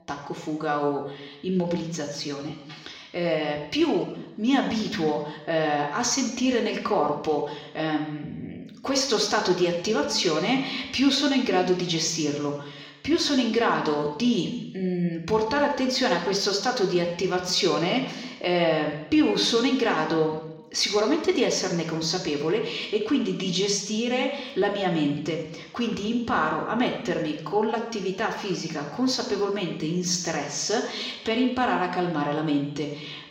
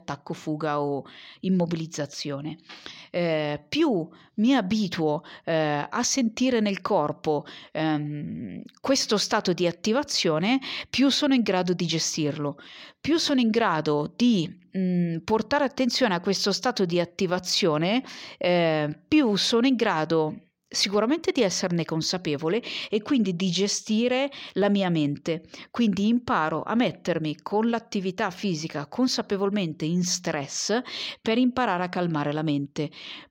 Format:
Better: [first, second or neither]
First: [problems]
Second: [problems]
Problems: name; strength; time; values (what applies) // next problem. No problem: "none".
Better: second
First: room echo; noticeable; dies away in 0.9 s // off-mic speech; somewhat distant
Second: none